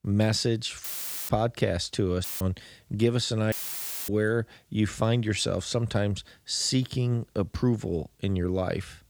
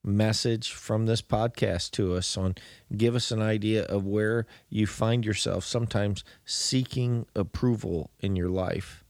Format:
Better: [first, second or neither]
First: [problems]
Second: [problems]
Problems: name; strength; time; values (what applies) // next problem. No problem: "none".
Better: second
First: audio cutting out; filled with static; at 1 s, at 2 s and at 3.5 s for 0.5 s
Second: none